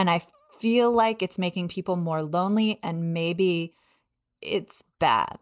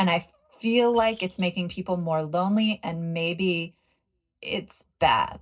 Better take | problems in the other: first | noise reduction (neural separator model SepFormer DNS4)

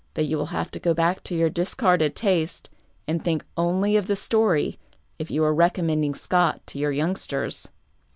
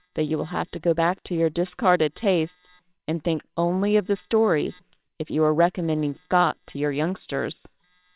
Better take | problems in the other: first | noise reduction (neural separator model SepFormer WHAMR!)

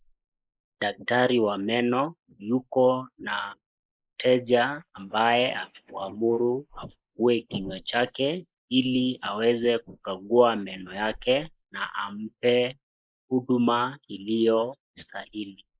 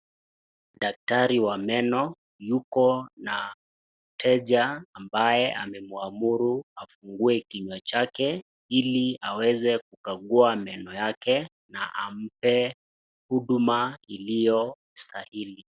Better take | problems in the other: second | noise reduction (neural mask model Resemble Enhance denoiser)

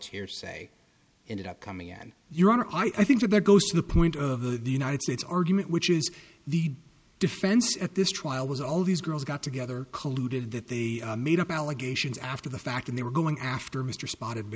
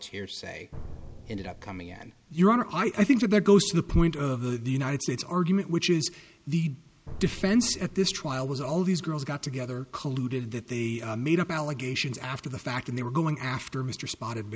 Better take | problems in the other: first | background sound (Drum); 17 dB below the speech

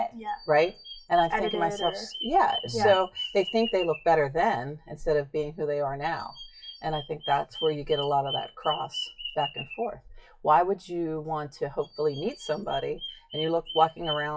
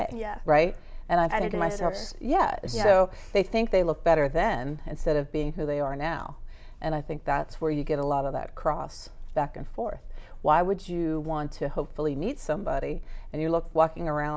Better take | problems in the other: second | noise reduction (classical method WPE with log-MMSE)

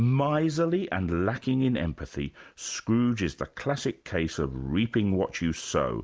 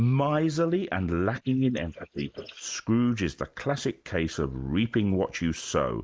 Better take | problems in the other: first | noise reduction (neural mask model Resemble Enhance denoiser)

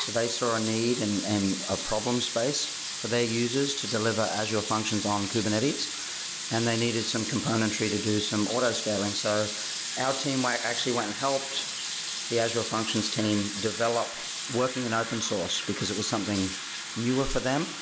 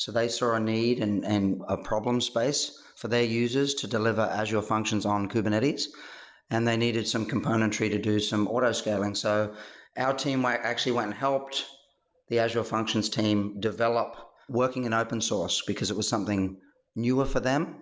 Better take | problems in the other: second | background sound (Sink (filling or washing) / Water tap, faucet); 6 dB below the speech

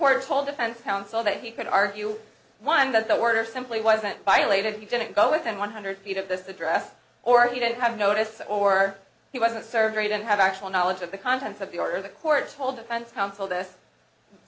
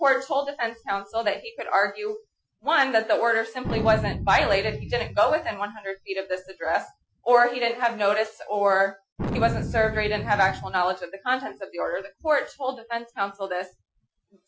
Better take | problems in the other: first | noise reduction (classical method Wiener filter)

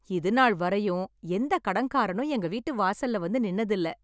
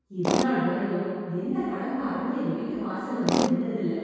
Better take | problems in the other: first | background sound (Tools); 5 dB below the speech // room echo; dies away in 2 s

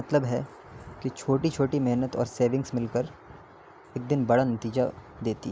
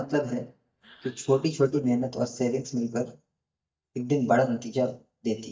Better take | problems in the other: first | noise reduction (neural mask model DeepFilterNet 3)

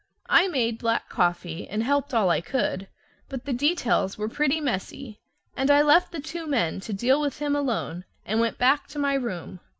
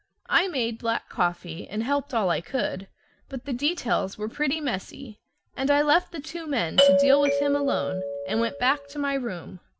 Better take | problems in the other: first | background sound (Doorbell); 3 dB above the speech

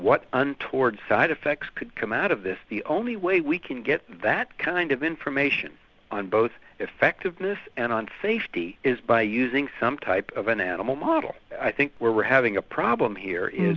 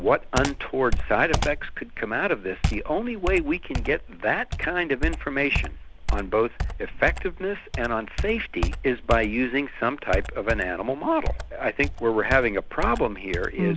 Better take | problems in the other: first | background sound (Computer keyboard); 4 dB below the speech

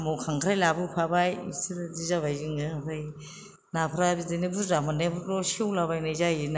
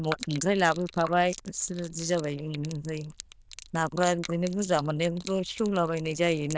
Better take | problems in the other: first | noise reduction (neural diffusion model UNIVERSE++)

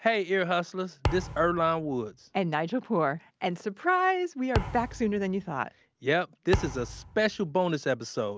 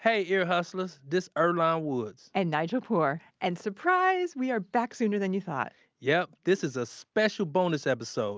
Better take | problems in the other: second | background sound (Thump, thud); 8 dB below the speech

